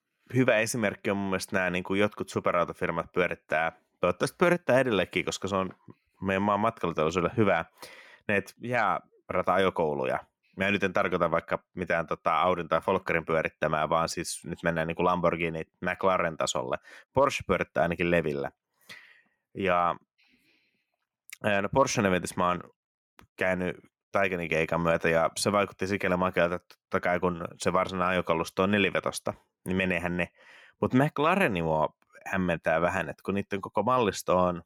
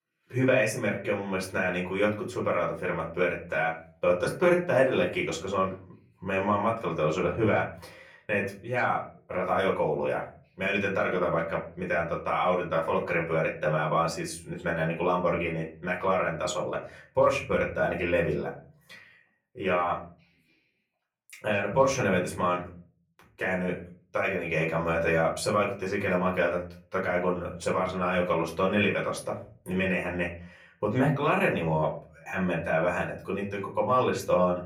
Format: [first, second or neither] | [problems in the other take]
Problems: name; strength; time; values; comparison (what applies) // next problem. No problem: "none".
first | off-mic speech; far // room echo; very slight; dies away in 0.4 s